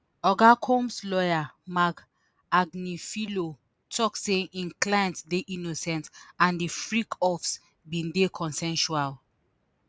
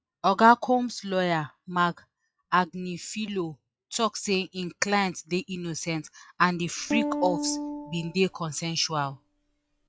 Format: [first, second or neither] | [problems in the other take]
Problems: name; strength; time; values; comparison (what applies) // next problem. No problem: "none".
first | noise reduction (classical method log-MMSE)